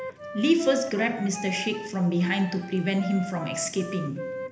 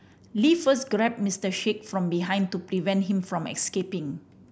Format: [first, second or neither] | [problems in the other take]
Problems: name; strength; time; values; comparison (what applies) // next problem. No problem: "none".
second | background sound (Wind instrument, woodwind instrument); 12 dB below the speech // room echo; dies away in 1.4 s